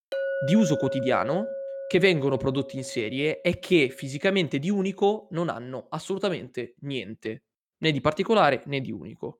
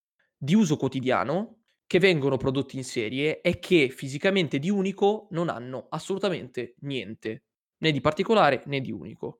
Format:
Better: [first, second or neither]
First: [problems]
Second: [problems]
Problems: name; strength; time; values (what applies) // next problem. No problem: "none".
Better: second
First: clattering dishes; noticeable; until 3.5 s; peak 3 dB below the speech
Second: none